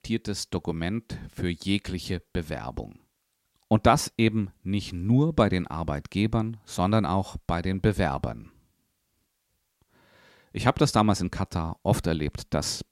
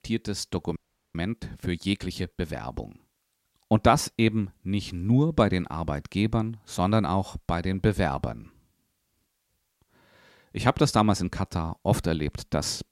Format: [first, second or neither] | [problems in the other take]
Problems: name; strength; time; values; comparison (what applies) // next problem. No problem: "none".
first | audio freezing; at 1 s